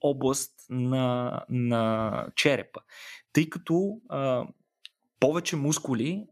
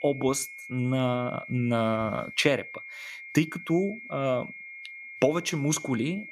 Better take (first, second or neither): first